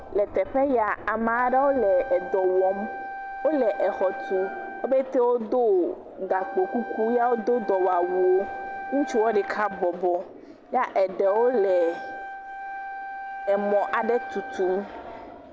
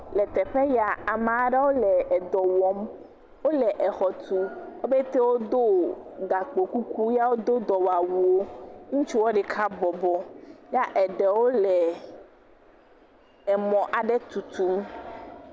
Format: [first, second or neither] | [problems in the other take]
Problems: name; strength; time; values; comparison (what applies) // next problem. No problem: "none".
second | background sound (Wind instrument, woodwind instrument); 12 dB below the speech